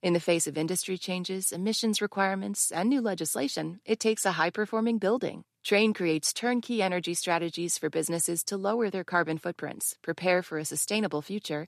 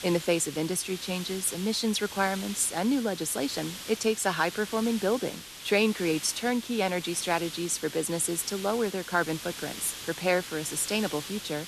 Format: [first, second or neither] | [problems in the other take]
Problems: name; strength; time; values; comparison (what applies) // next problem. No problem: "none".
first | hiss; noticeable; throughout; 10 dB below the speech